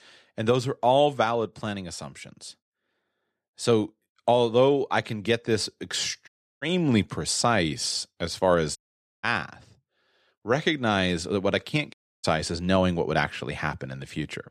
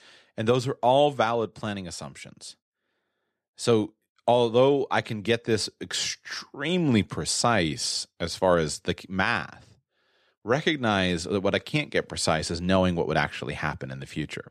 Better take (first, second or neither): second